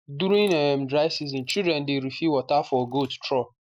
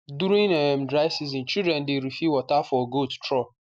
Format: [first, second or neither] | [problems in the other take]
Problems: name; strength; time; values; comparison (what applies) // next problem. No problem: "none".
second | noise reduction (neural mask model Resemble Enhance denoiser)